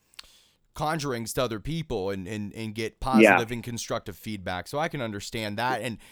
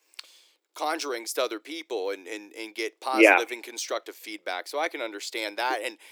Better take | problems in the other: first | thin; very; fading below 300 Hz

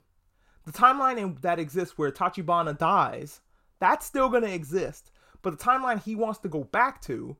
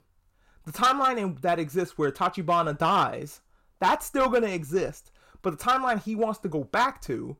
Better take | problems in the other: first | distortion; slight; 3% of the sound clipped

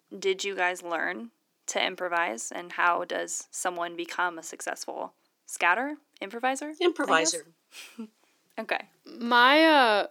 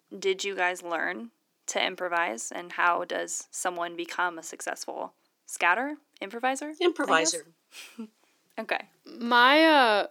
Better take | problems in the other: neither | thin; somewhat; fading below 300 Hz; the same in both

